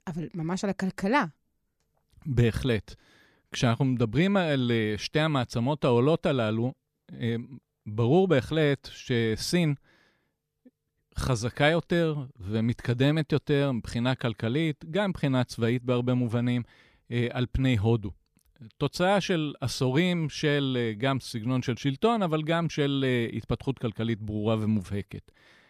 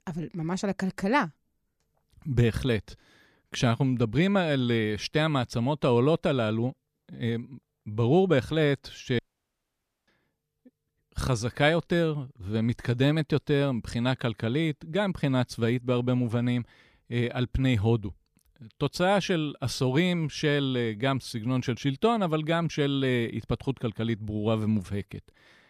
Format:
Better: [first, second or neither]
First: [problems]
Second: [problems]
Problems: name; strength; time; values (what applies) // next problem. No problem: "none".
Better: first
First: none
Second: audio cutting out; at 9 s for 1 s